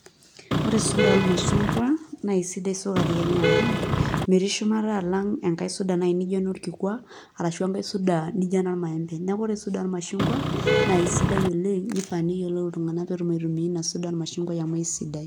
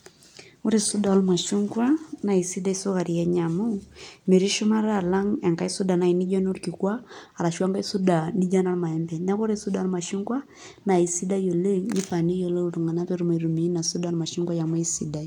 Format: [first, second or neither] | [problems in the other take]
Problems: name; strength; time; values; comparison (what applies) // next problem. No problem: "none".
second | background sound (Vehicle horn, car horn, honking); 3 dB above the speech